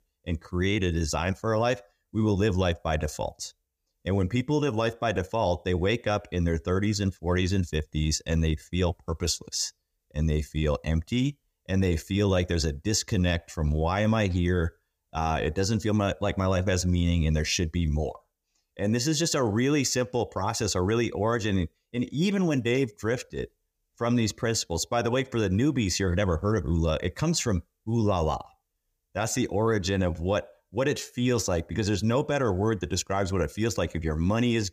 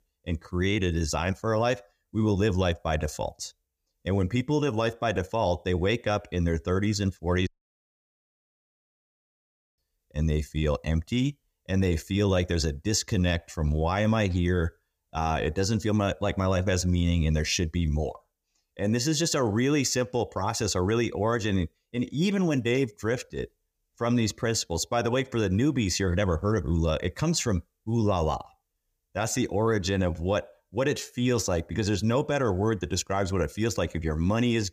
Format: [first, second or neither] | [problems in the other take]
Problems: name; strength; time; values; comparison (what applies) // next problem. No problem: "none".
first | audio cutting out; at 7.5 s for 2.5 s